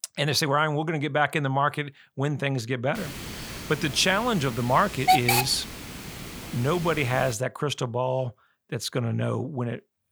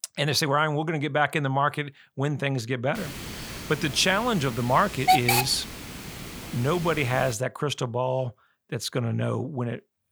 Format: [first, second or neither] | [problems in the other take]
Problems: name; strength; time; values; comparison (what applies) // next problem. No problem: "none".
neither | hiss; loud; from 3 to 7.5 s; 4 dB below the speech; the same in both